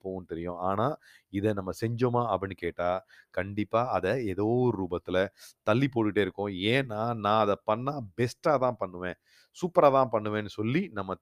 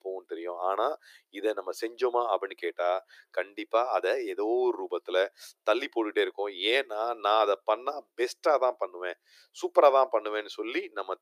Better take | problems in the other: first | thin; very; fading below 350 Hz

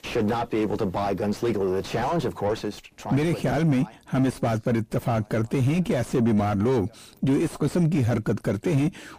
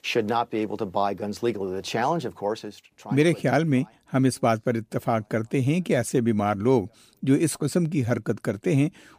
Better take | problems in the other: second | distortion; heavy; 5 dB below the speech

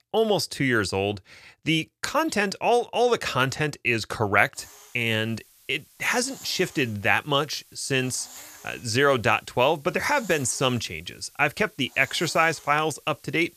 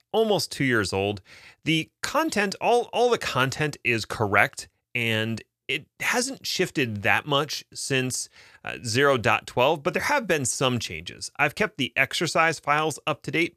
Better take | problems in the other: second | hiss; faint; from 4.5 s on; 20 dB below the speech

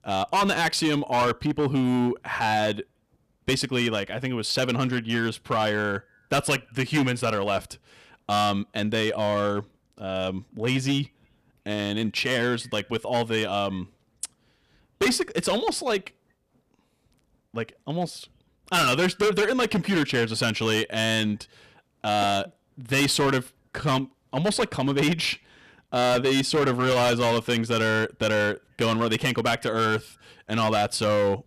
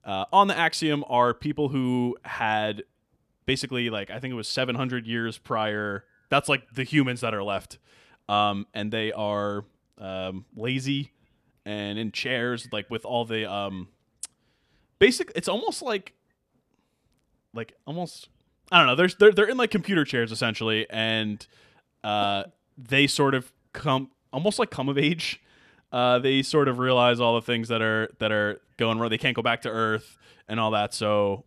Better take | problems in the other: second | distortion; heavy; 10% of the sound clipped

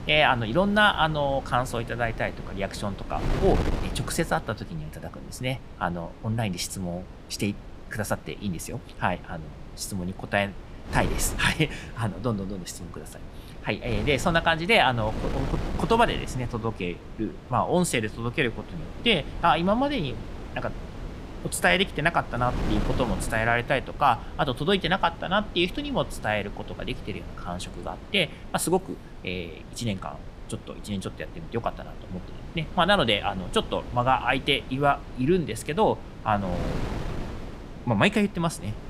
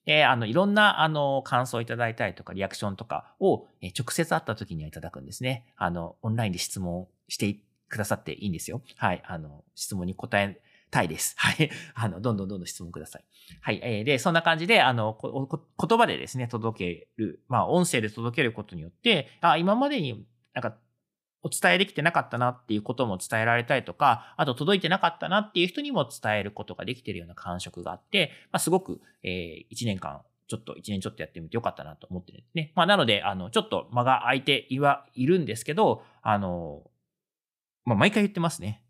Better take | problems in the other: second | wind noise on the microphone; occasional gusts; 15 dB below the speech

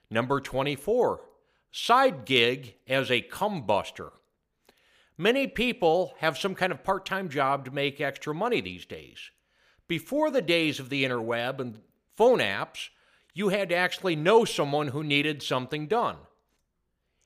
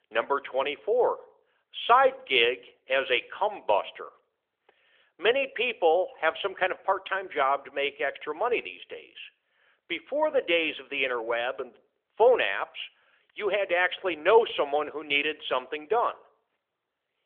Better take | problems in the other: first | phone-call audio; nothing above 3.5 kHz

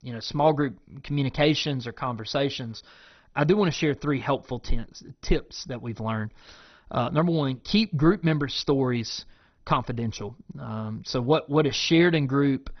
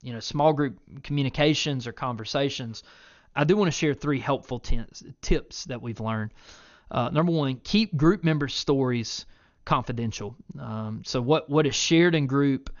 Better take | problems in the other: second | garbled, watery; badly; nothing above 6 kHz; slightly in the second

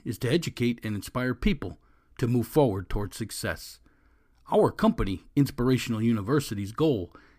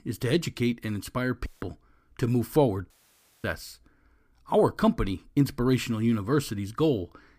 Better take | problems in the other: first | audio cutting out; at 1.5 s and at 3 s for 0.5 s

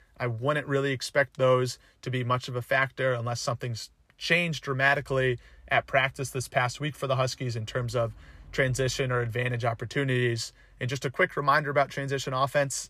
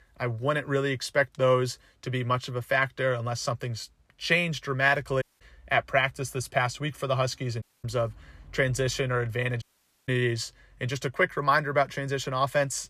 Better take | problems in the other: first | audio cutting out; at 5 s, at 7.5 s and at 9.5 s

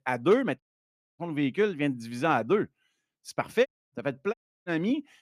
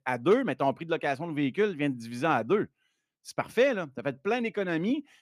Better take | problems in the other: second | audio cutting out; at 0.5 s for 0.5 s, at 3.5 s and at 4.5 s

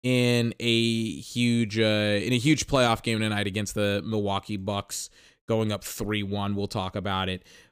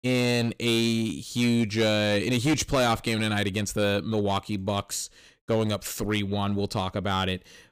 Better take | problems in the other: first | distortion; slight; 8% of the sound clipped

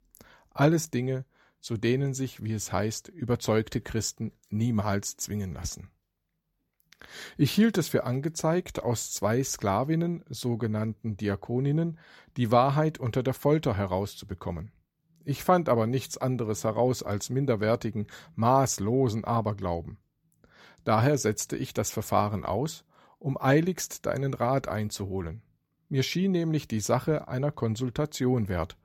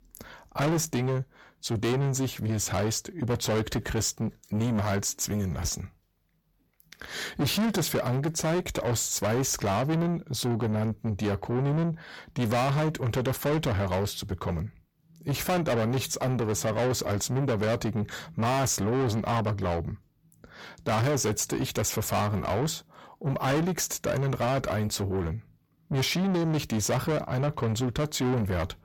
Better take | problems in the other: first | distortion; heavy; 6 dB below the speech

